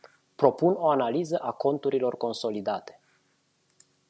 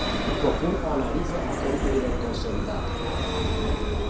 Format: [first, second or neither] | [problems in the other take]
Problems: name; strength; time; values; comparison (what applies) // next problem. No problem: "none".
first | background sound (Vehicle); 4 dB above the speech // room echo; dies away in 0.3 s